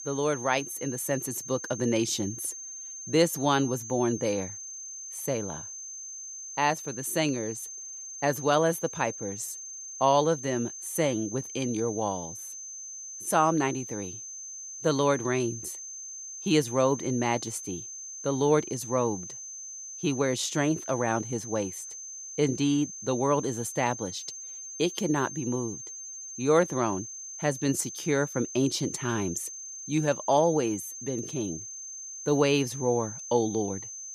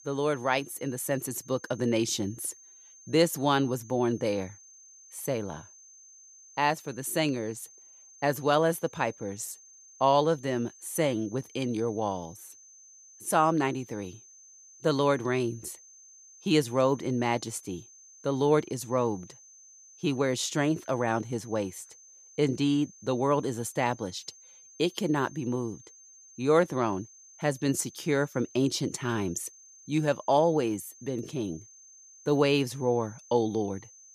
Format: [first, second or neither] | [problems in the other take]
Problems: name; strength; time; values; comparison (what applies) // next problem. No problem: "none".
second | high-pitched whine; loud; throughout; 6.5 kHz, 9 dB below the speech; faint in the second